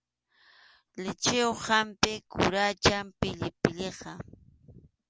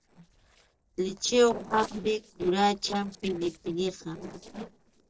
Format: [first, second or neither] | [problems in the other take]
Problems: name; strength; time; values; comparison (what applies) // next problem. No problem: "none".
first | noise reduction (neural separator model SepFormer DNS4)